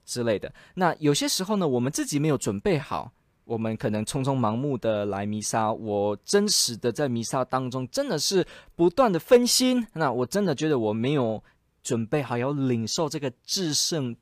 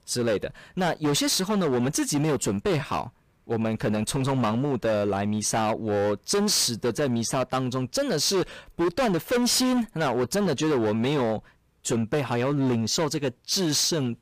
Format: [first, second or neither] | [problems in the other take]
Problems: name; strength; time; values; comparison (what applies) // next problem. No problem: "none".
first | distortion; heavy; 18% of the sound clipped